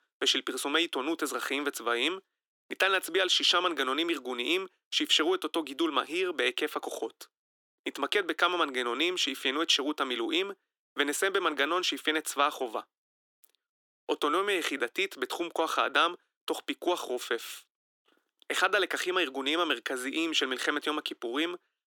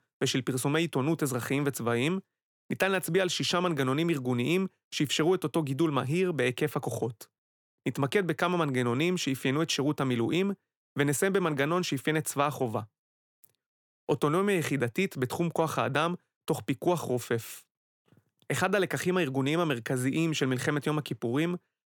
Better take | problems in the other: second | thin; somewhat; fading below 300 Hz

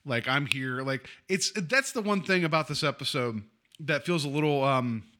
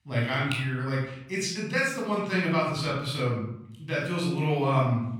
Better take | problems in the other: first | off-mic speech; far // room echo; noticeable; dies away in 0.7 s

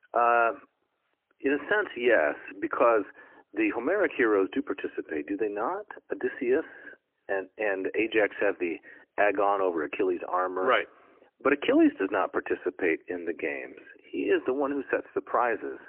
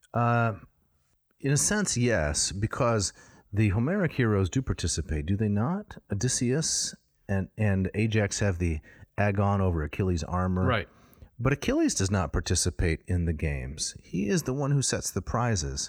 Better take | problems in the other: second | phone-call audio; poor line; nothing above 3 kHz

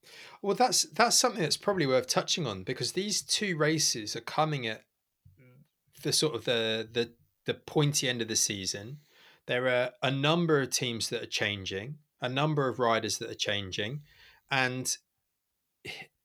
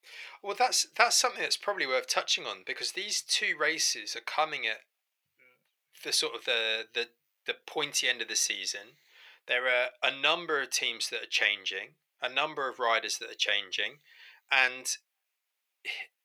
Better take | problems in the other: first | thin; very; fading below 650 Hz

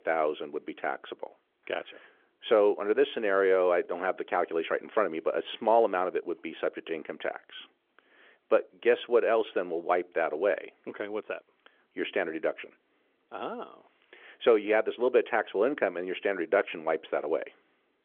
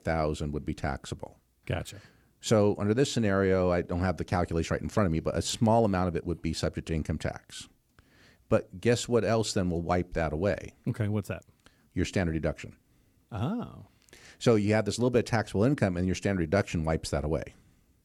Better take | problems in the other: second | phone-call audio; nothing above 3.5 kHz

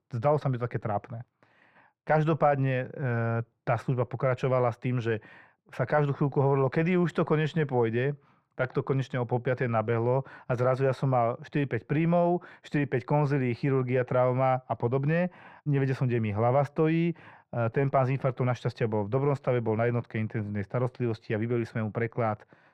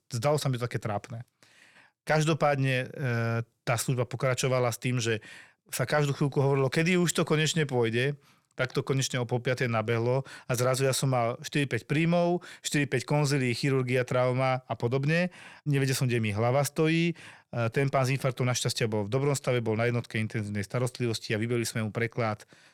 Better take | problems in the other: second | muffled; very; fading above 4 kHz

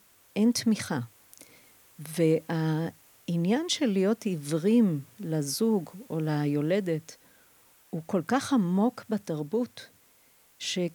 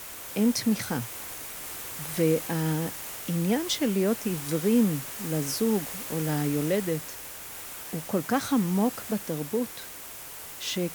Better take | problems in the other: first | hiss; loud; throughout; 8 dB below the speech; faint in the first

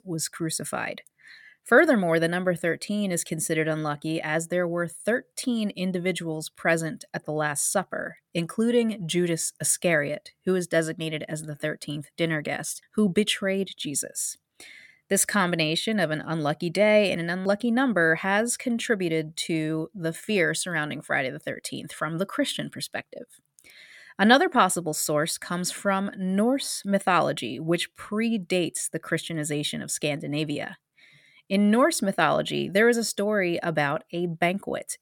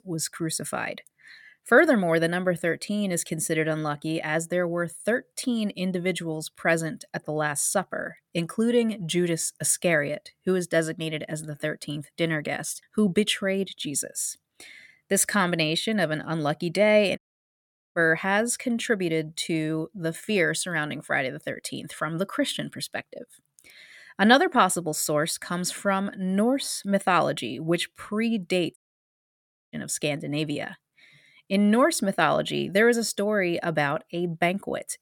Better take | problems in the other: first | audio cutting out; at 17 s for 1 s and at 29 s for 1 s

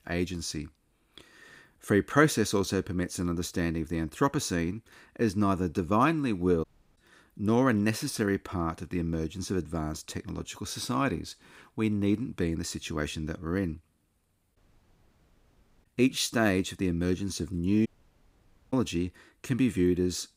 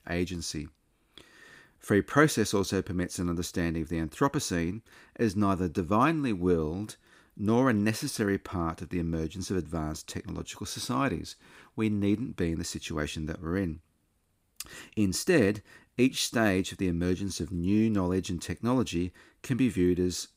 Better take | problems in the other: second | audio cutting out; at 6.5 s, at 15 s for 1.5 s and at 18 s for 1 s

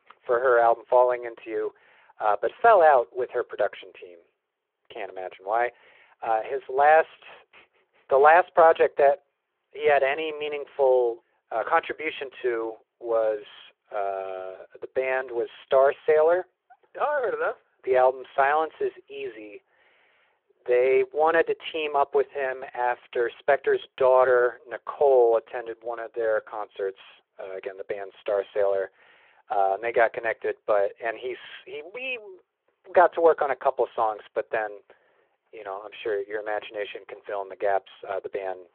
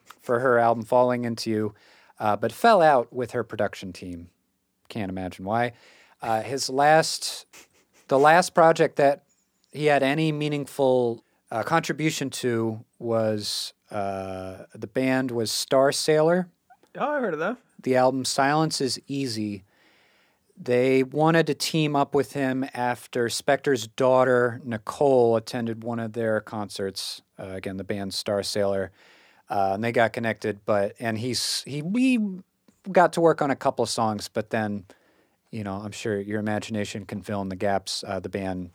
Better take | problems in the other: second | phone-call audio

